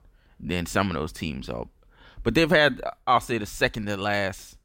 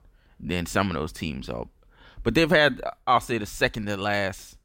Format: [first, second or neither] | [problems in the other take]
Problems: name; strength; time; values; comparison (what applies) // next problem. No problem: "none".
neither | none